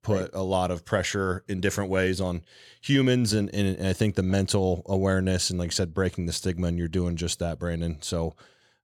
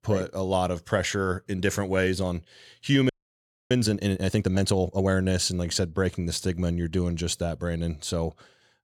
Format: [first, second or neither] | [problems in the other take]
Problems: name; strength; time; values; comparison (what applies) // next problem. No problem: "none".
first | audio freezing; at 3 s for 0.5 s